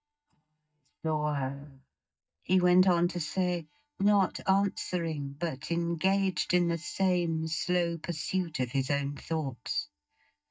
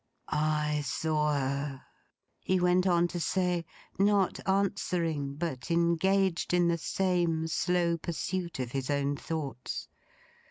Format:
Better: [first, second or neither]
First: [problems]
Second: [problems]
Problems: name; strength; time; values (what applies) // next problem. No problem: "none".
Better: second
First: noise reduction (neural mask model DeepFilterNet 3)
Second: none